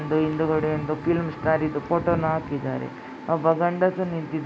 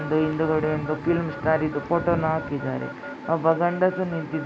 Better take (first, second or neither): first